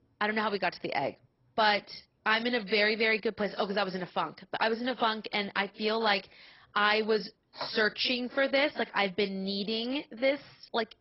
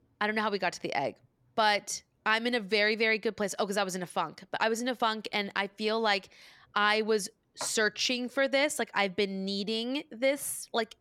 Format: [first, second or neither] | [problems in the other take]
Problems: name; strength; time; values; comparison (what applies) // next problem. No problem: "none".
second | garbled, watery; badly; nothing above 5.5 kHz